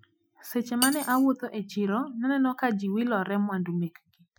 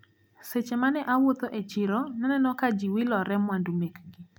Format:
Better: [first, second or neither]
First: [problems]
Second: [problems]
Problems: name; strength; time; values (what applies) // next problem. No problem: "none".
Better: second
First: noise reduction (classical method Wiener filter)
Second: none